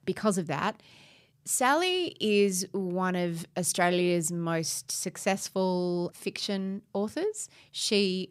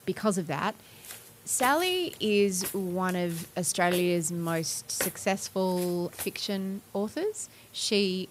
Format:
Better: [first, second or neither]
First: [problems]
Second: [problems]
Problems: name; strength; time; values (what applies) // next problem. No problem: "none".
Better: first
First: none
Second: footsteps; noticeable; from 1 to 6.5 s; peak 4 dB below the speech